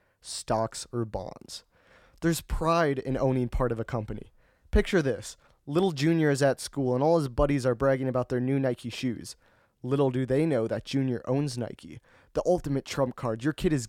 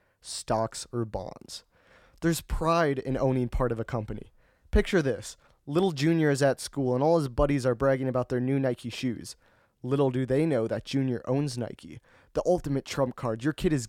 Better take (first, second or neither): neither